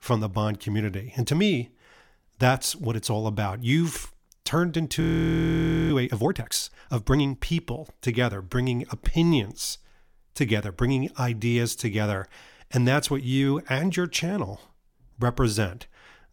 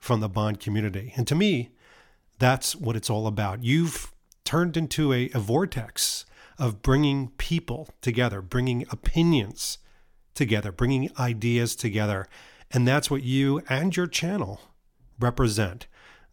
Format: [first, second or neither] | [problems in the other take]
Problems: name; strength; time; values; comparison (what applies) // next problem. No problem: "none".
second | audio freezing; at 5 s for 1 s